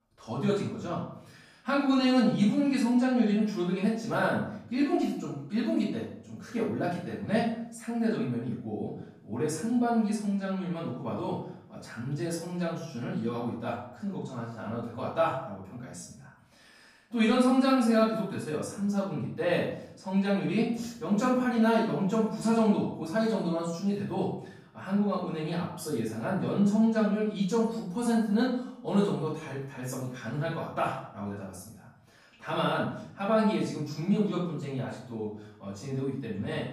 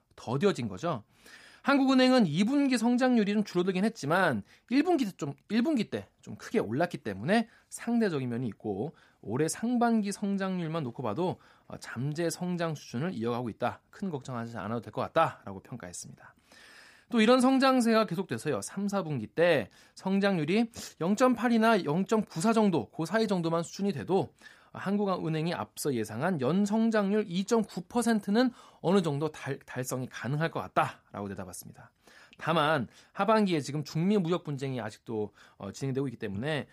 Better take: second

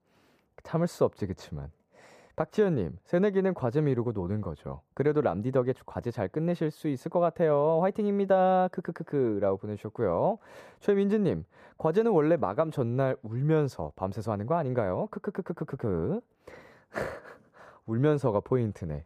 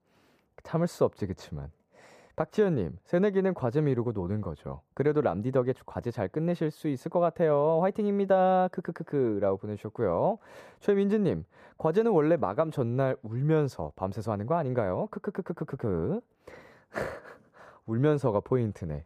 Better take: neither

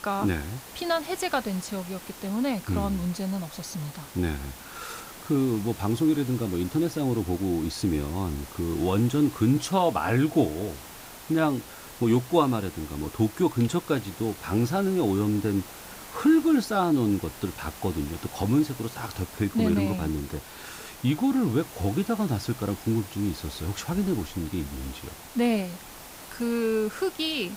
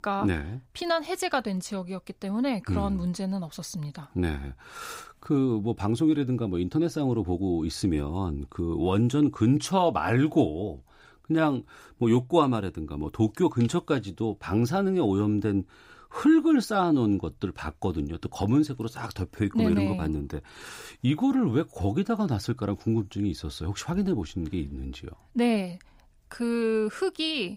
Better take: second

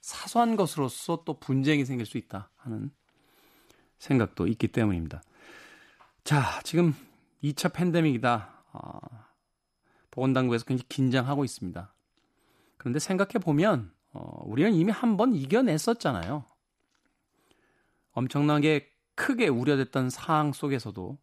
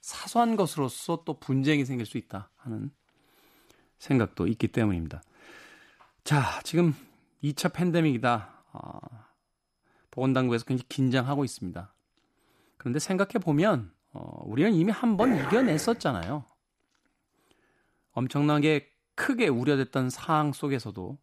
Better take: first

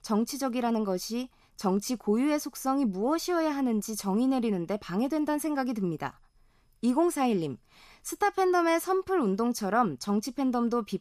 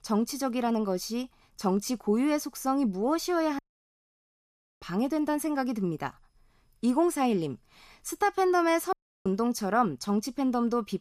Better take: first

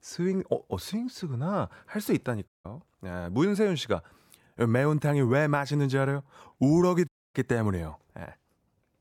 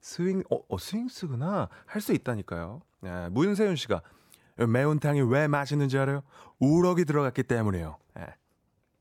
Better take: second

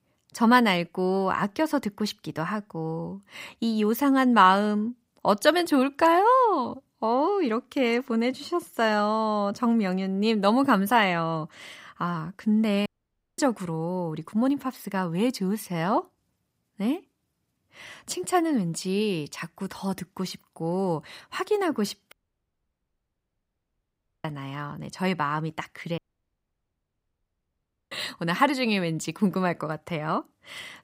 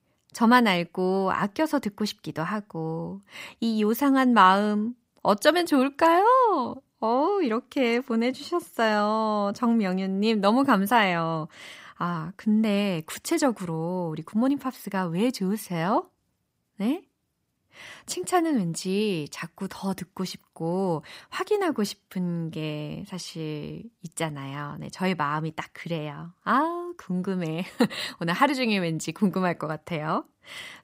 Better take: second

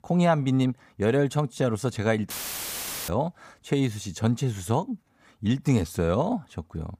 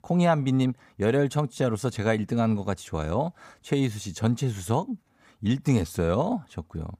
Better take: second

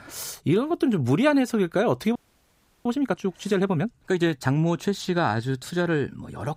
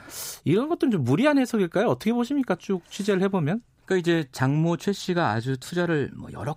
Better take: second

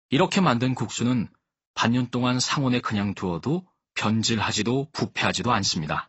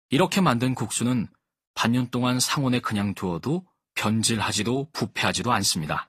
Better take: second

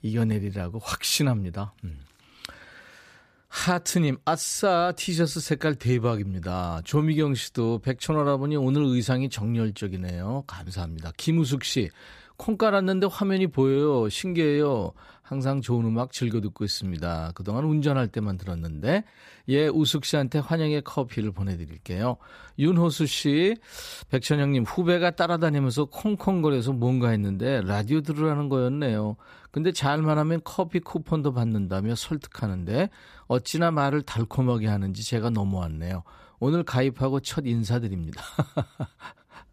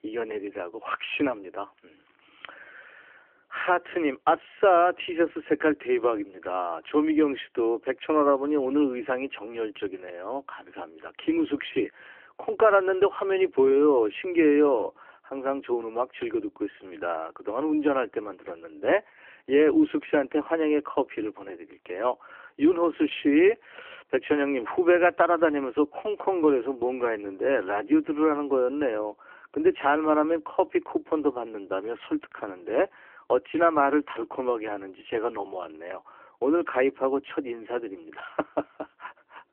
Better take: first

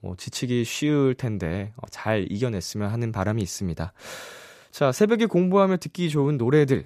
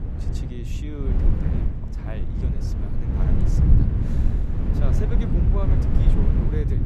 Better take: first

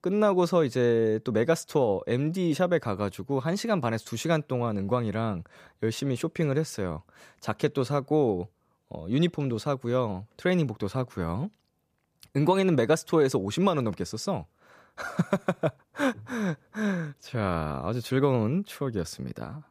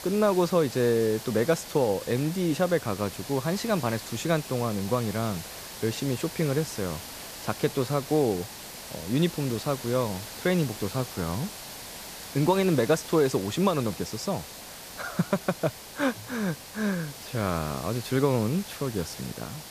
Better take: first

